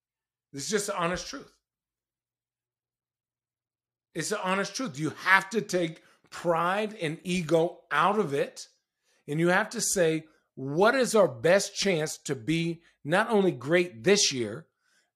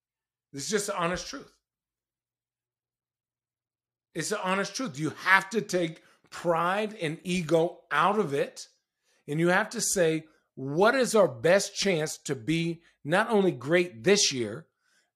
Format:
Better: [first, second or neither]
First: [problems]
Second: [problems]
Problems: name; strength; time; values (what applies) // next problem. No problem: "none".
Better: neither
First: none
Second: none